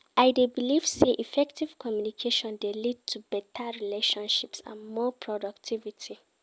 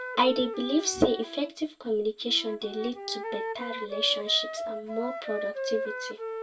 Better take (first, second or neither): first